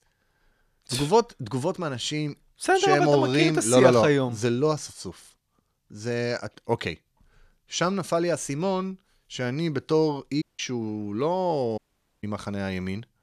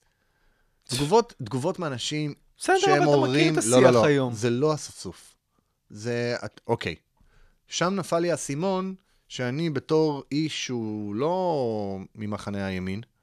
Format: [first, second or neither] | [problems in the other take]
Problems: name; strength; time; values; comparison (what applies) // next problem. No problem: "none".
second | audio cutting out; at 10 s and at 12 s